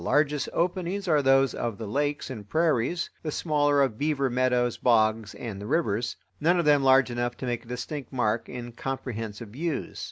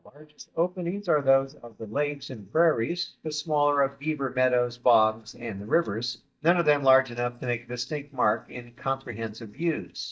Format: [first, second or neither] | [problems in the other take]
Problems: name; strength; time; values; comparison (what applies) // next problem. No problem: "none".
first | noise reduction (neural mask model DeepFilterNet 3)